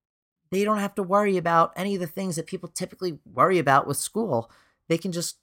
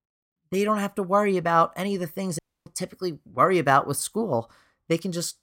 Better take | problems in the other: first | audio cutting out; at 2.5 s

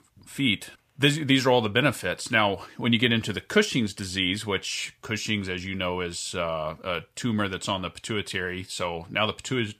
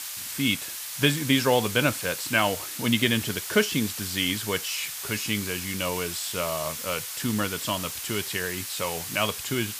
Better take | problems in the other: first | hiss; loud; throughout; 5 dB below the speech

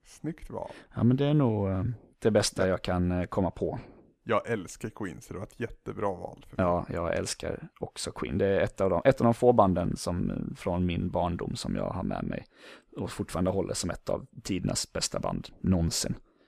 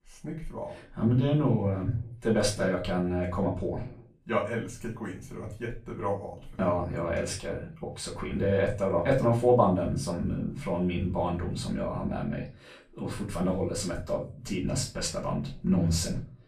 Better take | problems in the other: first | room echo; slight; dies away in 0.3 s // off-mic speech; far

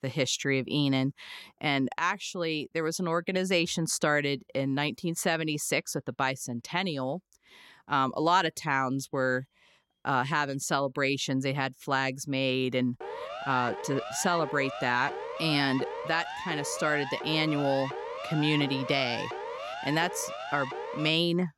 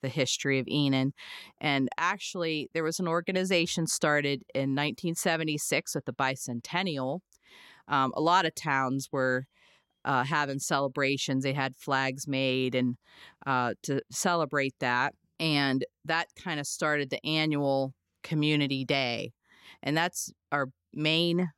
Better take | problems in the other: second | siren; noticeable; from 13 s on; peak 8 dB below the speech

